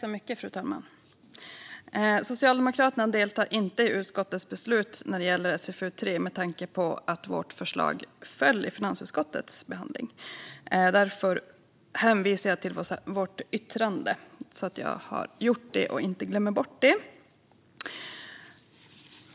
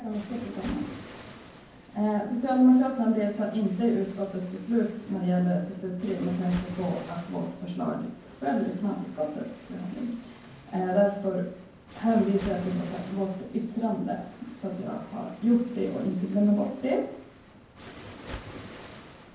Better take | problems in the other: first | background sound (Waves, surf); 18 dB below the speech // room echo; dies away in 0.9 s

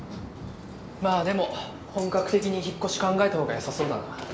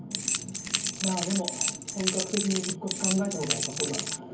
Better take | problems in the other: first | background sound (Rattle / Keys jangling); 1 dB above the speech // room echo; dies away in 0.3 s

